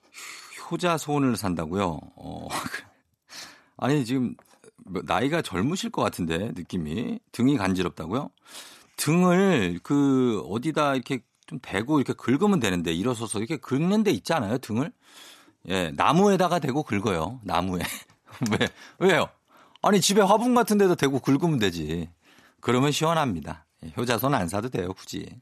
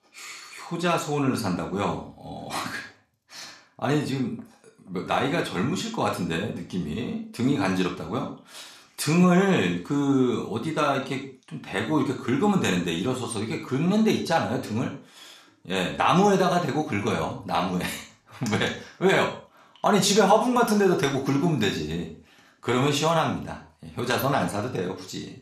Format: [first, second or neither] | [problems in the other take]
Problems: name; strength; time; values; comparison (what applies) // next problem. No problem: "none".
first | room echo; noticeable; dies away in 0.4 s // off-mic speech; somewhat distant